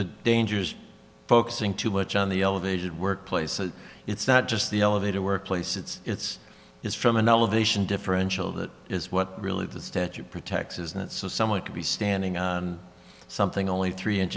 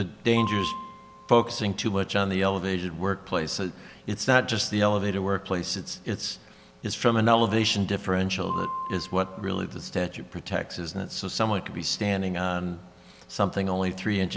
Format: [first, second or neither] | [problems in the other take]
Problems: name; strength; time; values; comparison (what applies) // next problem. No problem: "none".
first | background sound (Piano); 10 dB below the speech